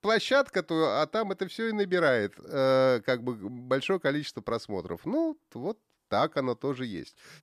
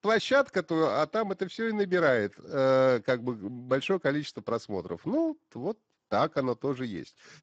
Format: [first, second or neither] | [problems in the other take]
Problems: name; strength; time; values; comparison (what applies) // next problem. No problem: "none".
first | garbled, watery; badly; nothing above 7.5 kHz